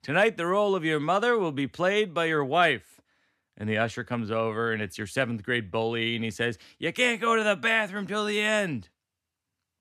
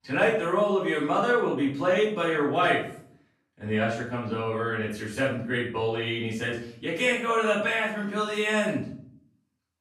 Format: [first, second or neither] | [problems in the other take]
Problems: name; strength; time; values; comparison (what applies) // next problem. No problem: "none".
first | off-mic speech; far // room echo; noticeable; dies away in 0.5 s